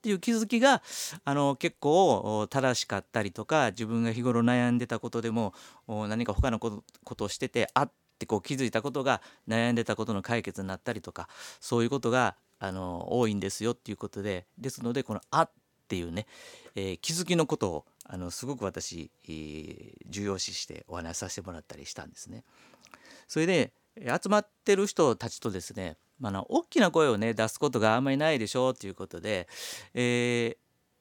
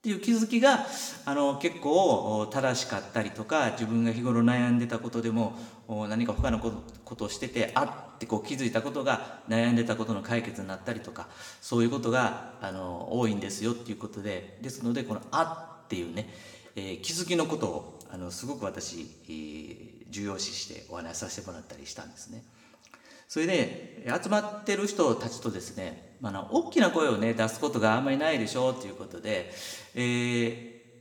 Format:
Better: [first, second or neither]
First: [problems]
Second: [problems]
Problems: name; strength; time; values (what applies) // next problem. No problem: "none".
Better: first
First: none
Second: room echo; slight; dies away in 1.1 s